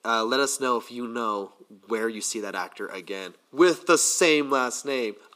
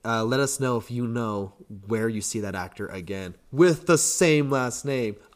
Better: second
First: thin; somewhat; fading below 250 Hz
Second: none

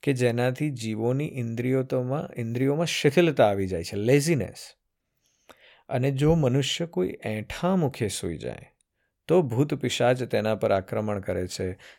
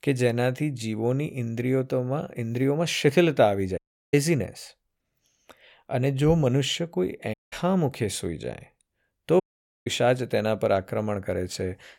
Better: first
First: none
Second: audio cutting out; at 4 s, at 7.5 s and at 9.5 s

